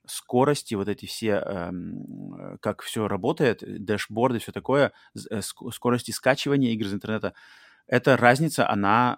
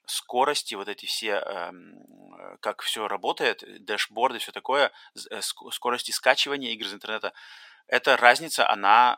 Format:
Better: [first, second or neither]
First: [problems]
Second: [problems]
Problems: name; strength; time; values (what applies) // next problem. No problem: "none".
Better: first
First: none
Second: thin; very; fading below 600 Hz